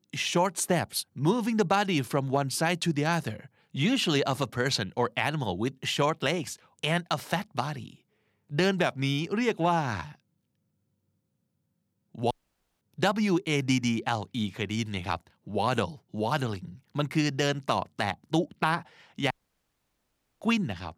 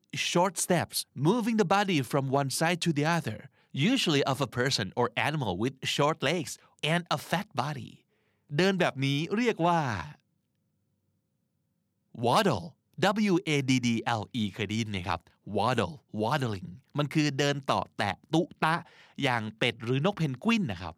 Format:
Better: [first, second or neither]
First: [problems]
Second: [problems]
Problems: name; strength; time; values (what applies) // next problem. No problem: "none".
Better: second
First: audio cutting out; at 12 s for 0.5 s and at 19 s for 1 s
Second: none